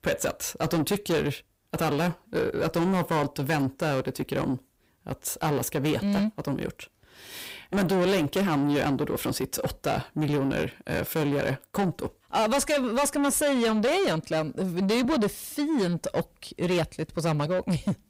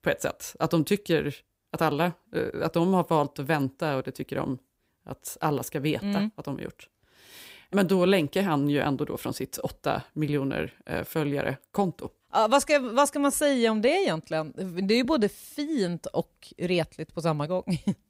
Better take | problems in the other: second | distortion; heavy; 7 dB below the speech

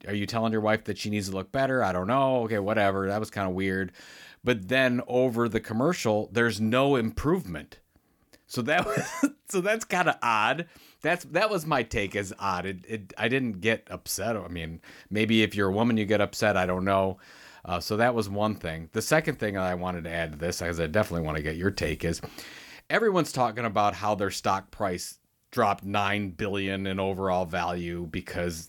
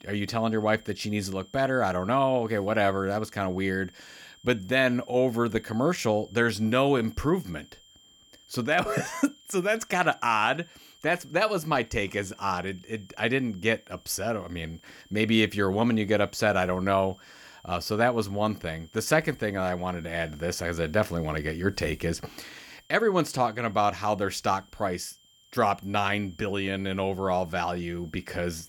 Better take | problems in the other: first | high-pitched whine; faint; throughout; 3 kHz, 30 dB below the speech

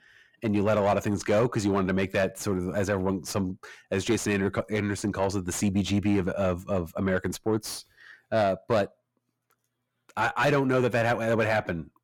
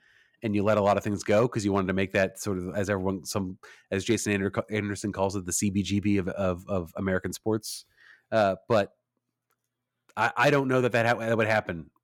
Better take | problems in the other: second | distortion; slight; 10 dB below the speech

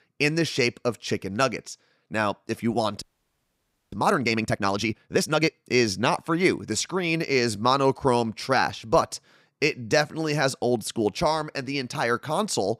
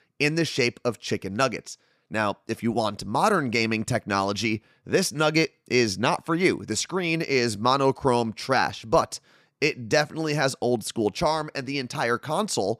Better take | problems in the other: second | audio freezing; at 3 s for 1 s

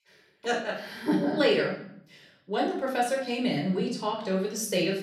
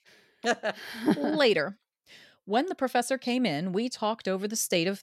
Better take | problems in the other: second | off-mic speech; far // room echo; noticeable; dies away in 0.7 s

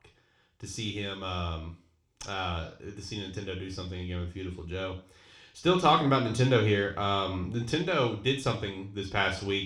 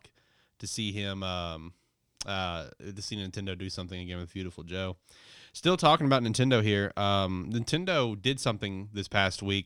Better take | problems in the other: second | room echo; slight; dies away in 0.4 s // off-mic speech; somewhat distant

